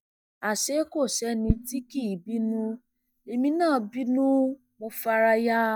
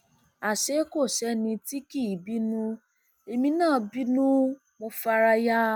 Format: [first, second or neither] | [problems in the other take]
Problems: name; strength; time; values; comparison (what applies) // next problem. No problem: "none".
second | noise reduction (neural mask model DeepFilterNet 3)